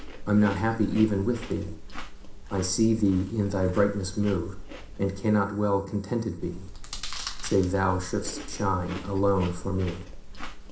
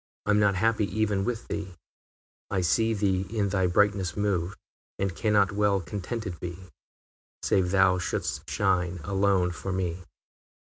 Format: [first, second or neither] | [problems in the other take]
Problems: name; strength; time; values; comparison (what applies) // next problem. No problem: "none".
second | background sound (Chewing, mastication); 10 dB below the speech // room echo; dies away in 0.5 s